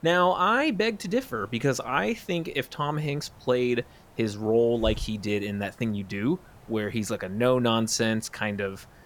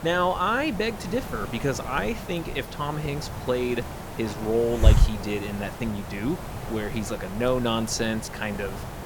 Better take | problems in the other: first | hiss; loud; throughout; 3 dB below the speech; faint in the first

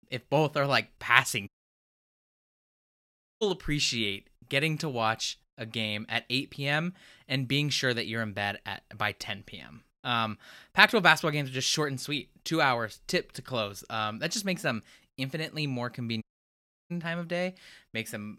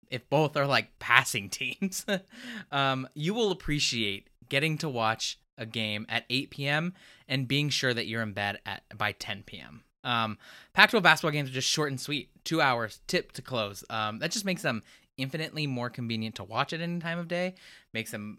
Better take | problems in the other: second | audio cutting out; at 1.5 s for 2 s and at 16 s for 0.5 s

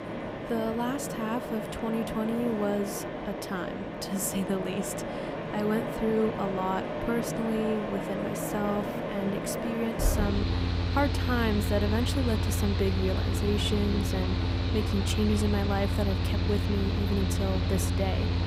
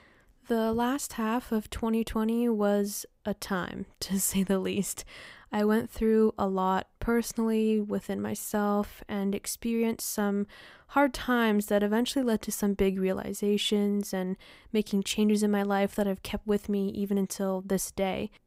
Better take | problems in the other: second | machinery noise; very loud; throughout; 1 dB above the speech

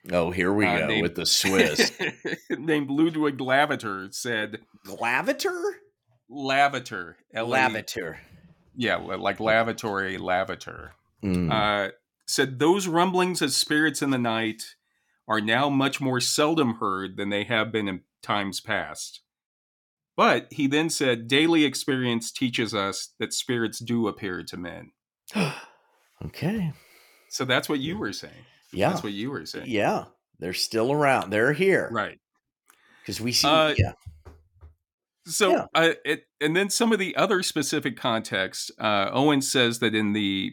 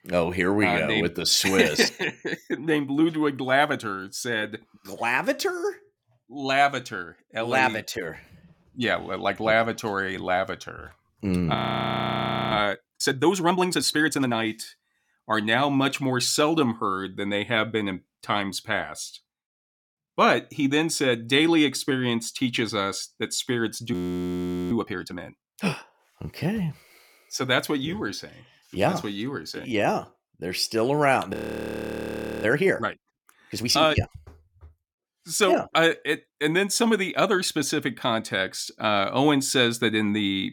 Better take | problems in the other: first | audio freezing; at 12 s for 1 s, at 24 s for 1 s and at 31 s for 1 s

